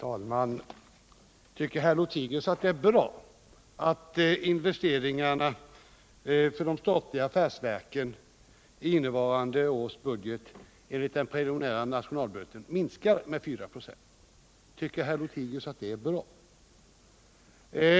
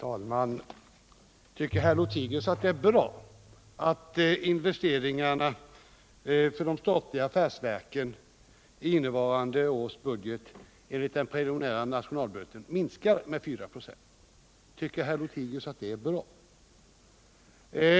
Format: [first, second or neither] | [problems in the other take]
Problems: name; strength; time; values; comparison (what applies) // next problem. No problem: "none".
first | background sound (Bowed string instrument); 9 dB below the speech